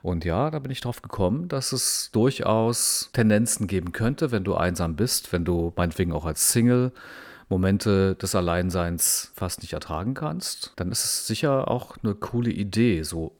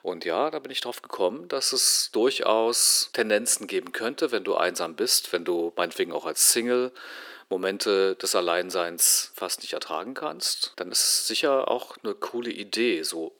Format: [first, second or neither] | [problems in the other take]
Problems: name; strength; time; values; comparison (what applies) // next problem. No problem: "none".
first | thin; very; fading below 350 Hz